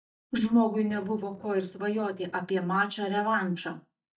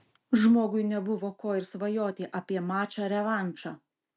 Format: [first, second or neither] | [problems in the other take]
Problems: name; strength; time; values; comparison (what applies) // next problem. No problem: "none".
second | noise reduction (neural mask model DeepFilterNet 3)